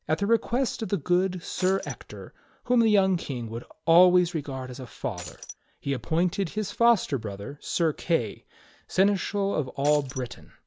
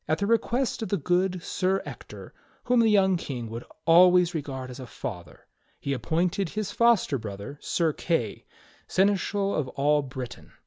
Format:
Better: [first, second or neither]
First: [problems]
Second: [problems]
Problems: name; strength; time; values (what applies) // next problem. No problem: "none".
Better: second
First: background sound (Shatter); 14 dB below the speech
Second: none